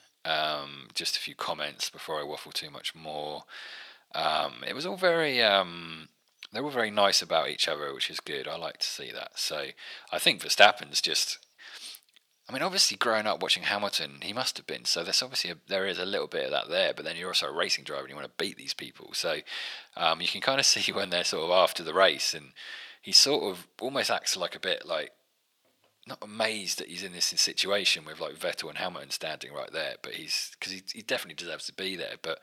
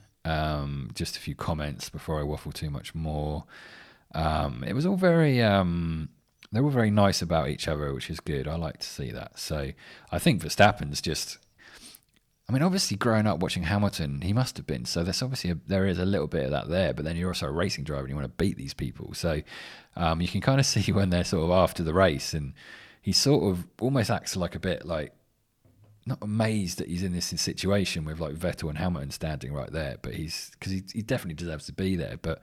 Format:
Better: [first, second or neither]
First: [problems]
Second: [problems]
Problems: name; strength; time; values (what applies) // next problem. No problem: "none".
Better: second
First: thin; very; fading below 500 Hz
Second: none